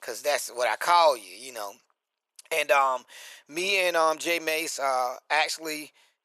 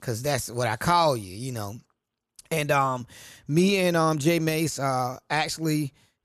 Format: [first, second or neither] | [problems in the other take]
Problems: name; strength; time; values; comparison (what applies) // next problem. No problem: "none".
second | thin; very; fading below 500 Hz